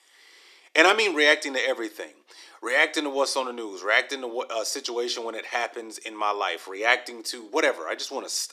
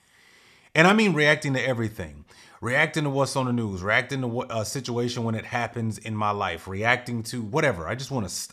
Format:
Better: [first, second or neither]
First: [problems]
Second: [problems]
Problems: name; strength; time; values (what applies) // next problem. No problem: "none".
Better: second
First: thin; very; fading below 300 Hz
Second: none